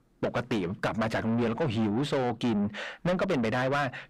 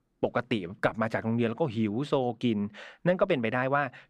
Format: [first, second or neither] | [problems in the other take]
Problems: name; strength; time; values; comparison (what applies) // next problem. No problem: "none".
second | distortion; heavy; 5 dB below the speech